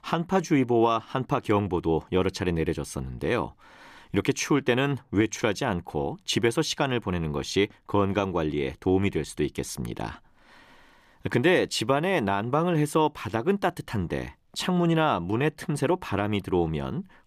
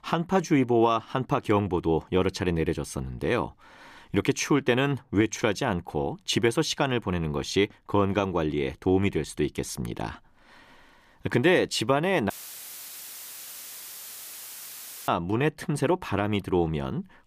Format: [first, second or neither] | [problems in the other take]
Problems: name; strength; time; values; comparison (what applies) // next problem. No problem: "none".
first | audio cutting out; filled with static; at 12 s for 3 s